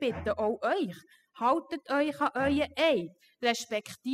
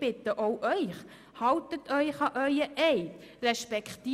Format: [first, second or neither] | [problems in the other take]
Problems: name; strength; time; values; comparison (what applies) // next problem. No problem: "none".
second | noise reduction (classical method spectral subtraction)